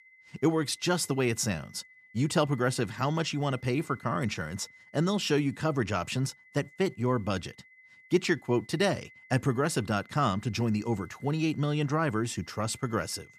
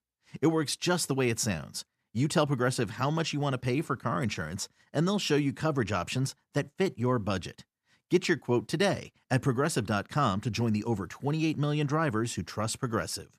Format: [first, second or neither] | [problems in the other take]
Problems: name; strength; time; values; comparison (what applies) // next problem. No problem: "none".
second | high-pitched whine; faint; throughout; 2 kHz, 25 dB below the speech